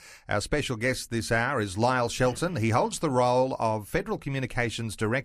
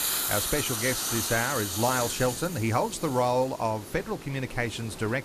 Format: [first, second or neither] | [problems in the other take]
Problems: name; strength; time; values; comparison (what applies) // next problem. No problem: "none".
first | hiss; loud; throughout; 1 dB below the speech